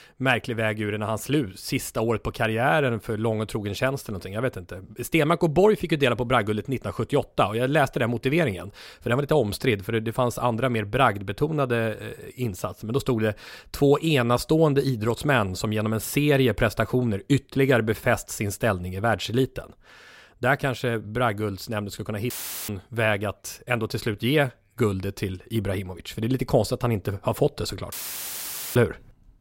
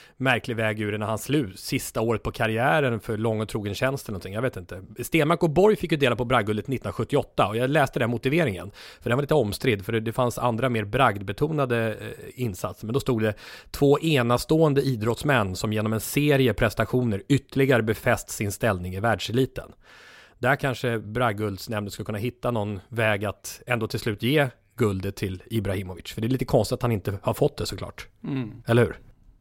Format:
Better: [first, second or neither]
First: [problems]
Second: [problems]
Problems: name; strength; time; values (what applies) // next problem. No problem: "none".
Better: second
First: audio cutting out; filled with static; at 22 s and at 28 s for 1 s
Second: none